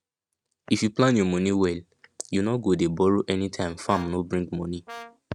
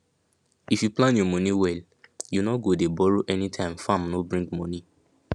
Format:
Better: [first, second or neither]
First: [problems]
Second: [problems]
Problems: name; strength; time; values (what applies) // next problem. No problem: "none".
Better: second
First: noise reduction (neural mask model RNNoise)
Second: none